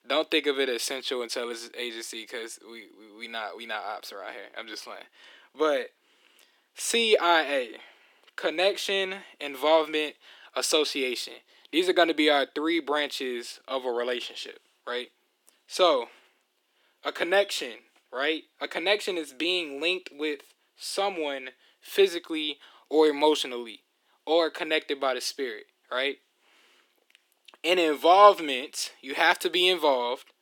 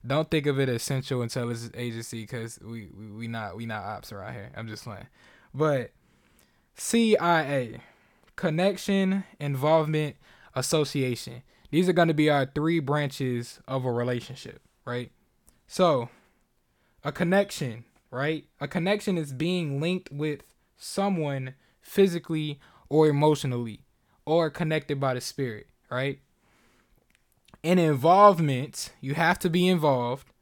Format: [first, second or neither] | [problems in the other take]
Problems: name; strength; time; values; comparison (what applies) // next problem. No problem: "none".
second | thin; very; fading below 300 Hz